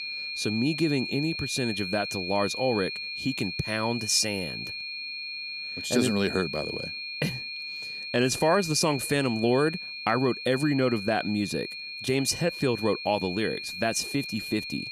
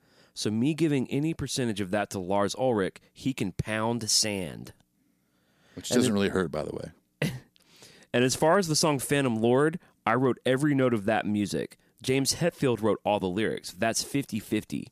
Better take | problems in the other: second | high-pitched whine; loud; throughout; 2.5 kHz, 6 dB below the speech

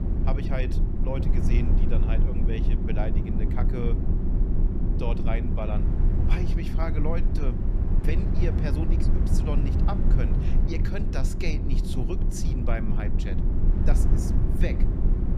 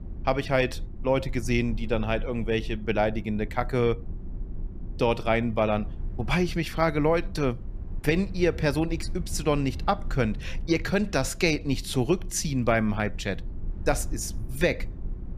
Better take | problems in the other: second | low rumble; loud; throughout; 1 dB below the speech; faint in the second

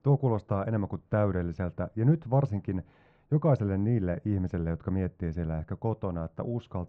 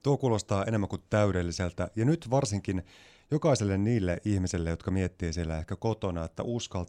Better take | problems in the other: second | muffled; very; fading above 1.5 kHz

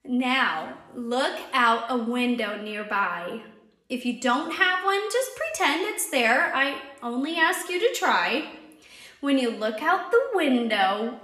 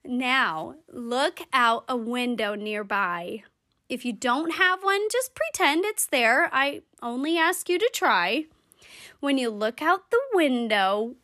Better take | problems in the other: second | room echo; slight; dies away in 0.7 s

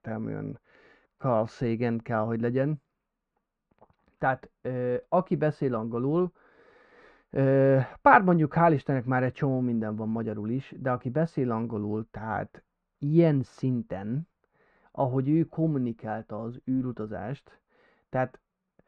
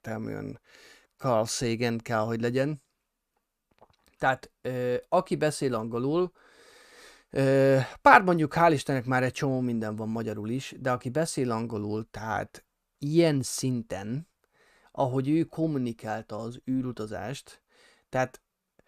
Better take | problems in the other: second | muffled; very; fading above 1.5 kHz

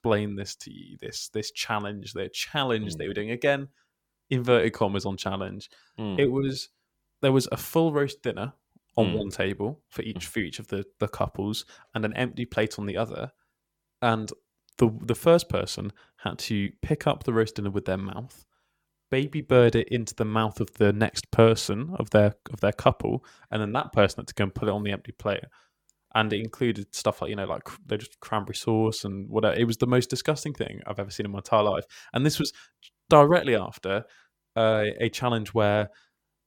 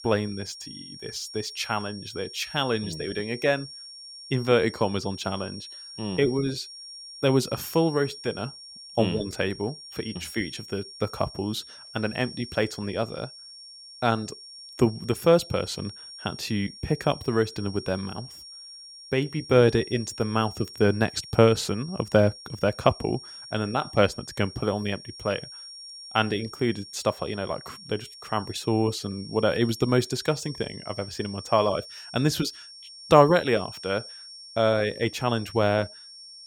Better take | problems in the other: first | high-pitched whine; noticeable; throughout; 5.5 kHz, 15 dB below the speech

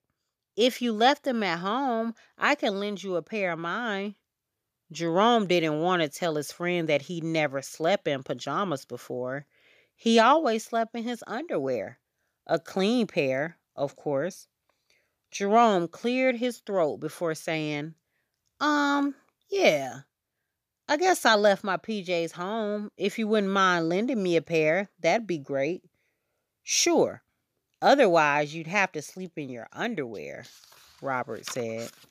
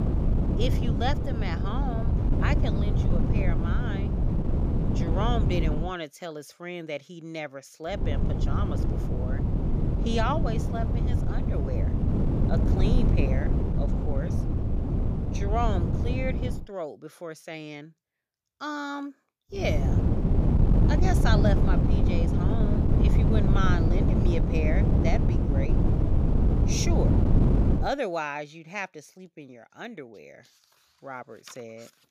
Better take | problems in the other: first | wind noise on the microphone; heavy; until 6 s, from 8 to 17 s and from 20 to 28 s; 1 dB below the speech

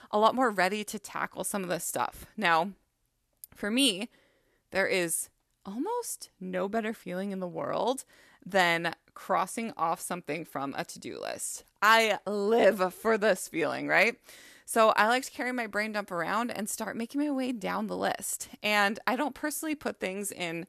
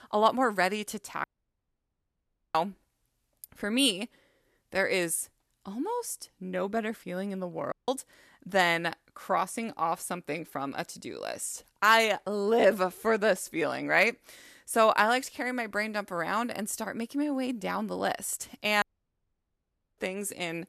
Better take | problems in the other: first | audio cutting out; at 1 s for 1.5 s, at 7.5 s and at 19 s for 1 s

